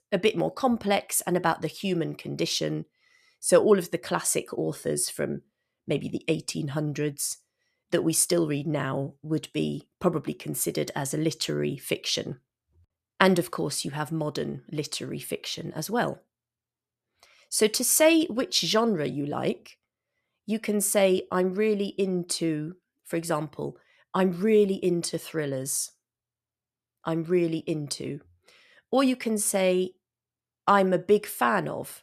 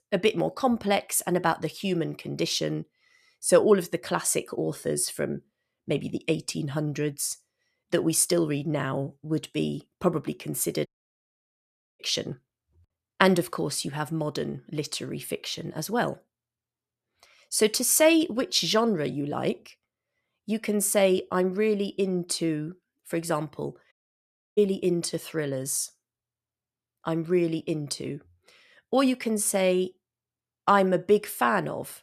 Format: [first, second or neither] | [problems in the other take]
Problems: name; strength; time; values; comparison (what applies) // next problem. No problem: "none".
first | audio cutting out; at 11 s for 1 s and at 24 s for 0.5 s